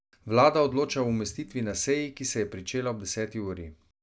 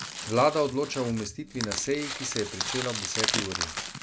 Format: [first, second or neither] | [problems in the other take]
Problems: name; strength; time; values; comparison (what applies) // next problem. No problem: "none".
first | background sound (Crushing); 4 dB below the speech